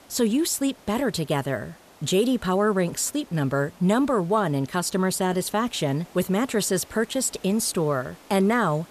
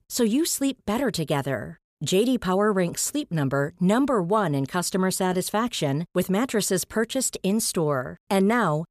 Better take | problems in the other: second | hiss; faint; throughout; 25 dB below the speech

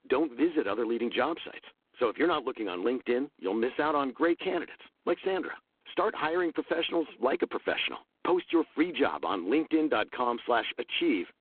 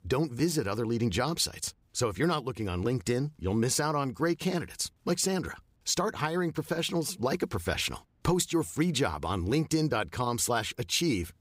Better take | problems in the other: second | phone-call audio; poor line

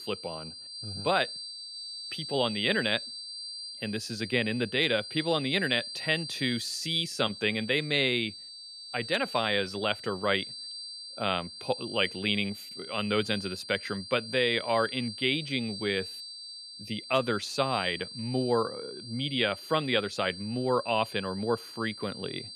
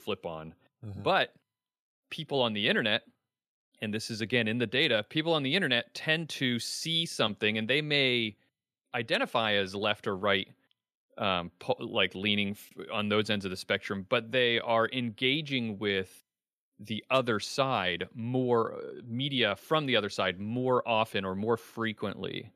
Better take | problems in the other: second | high-pitched whine; loud; throughout; 4.5 kHz, 10 dB below the speech

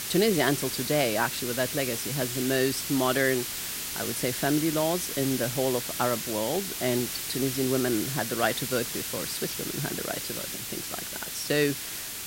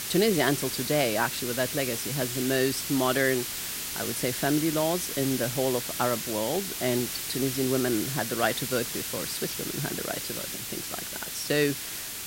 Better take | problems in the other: neither | hiss; loud; throughout; 3 dB below the speech; the same in both

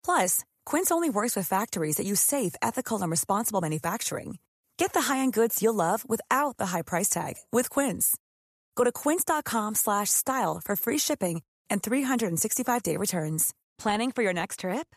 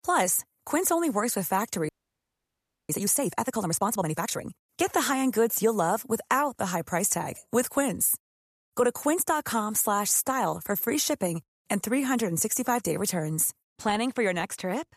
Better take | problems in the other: first | audio freezing; at 2 s for 1 s

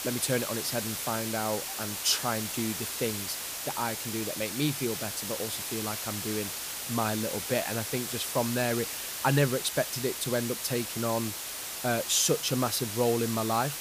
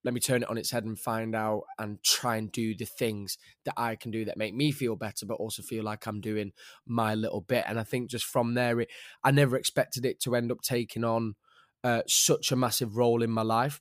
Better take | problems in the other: second | hiss; loud; throughout; 3 dB below the speech

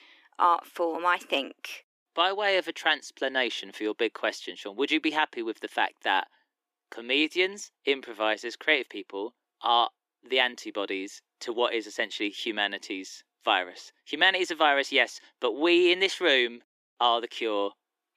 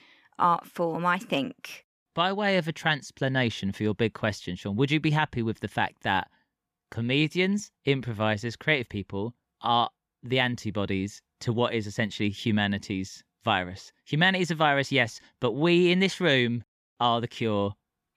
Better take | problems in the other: second | thin; somewhat; fading below 300 Hz

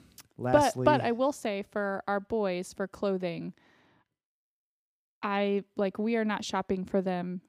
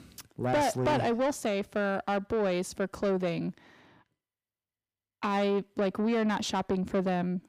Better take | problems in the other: first | distortion; heavy; 7 dB below the speech

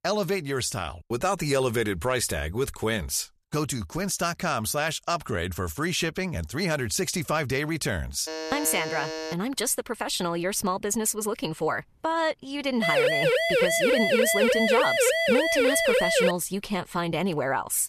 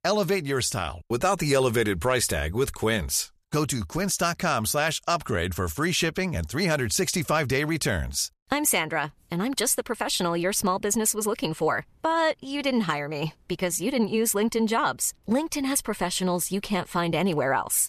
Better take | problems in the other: second | alarm; noticeable; from 8.5 to 9.5 s; peak 5 dB below the speech // siren; loud; from 13 to 16 s; peak 6 dB above the speech

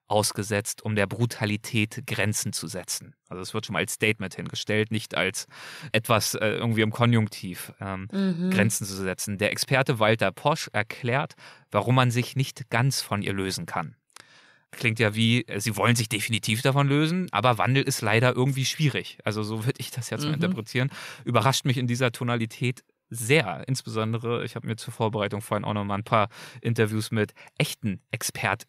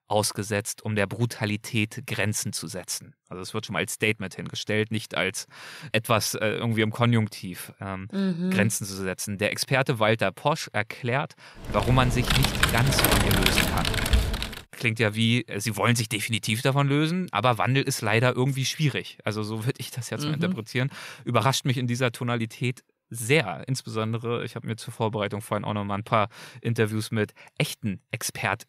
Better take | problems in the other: first | keyboard typing; loud; from 12 to 15 s; peak 6 dB above the speech

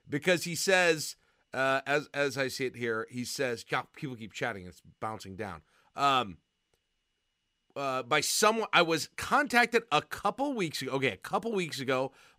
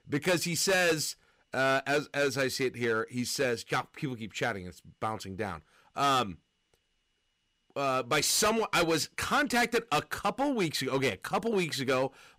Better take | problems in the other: first | distortion; heavy; 7% of the sound clipped

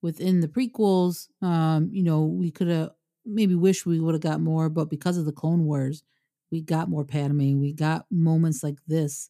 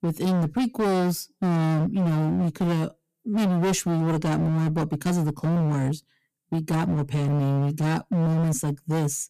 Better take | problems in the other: first | distortion; heavy; 31% of the sound clipped

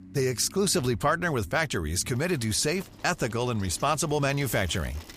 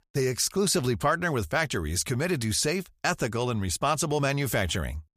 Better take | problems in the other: second | traffic noise; faint; throughout; 20 dB below the speech

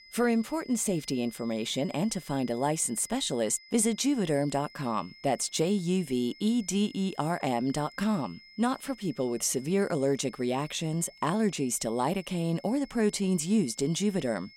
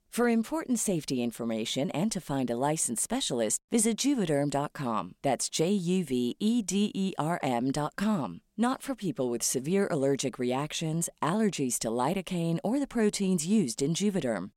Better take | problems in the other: second | high-pitched whine; faint; throughout; 2 kHz, 20 dB below the speech

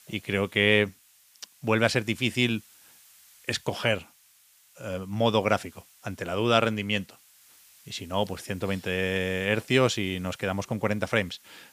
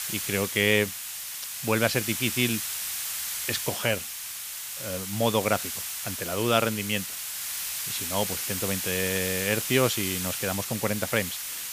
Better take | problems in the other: first | hiss; loud; throughout; 3 dB below the speech; faint in the first

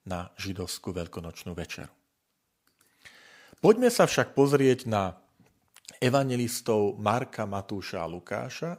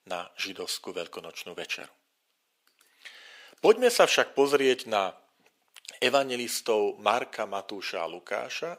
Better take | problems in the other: first | thin; somewhat; fading below 450 Hz

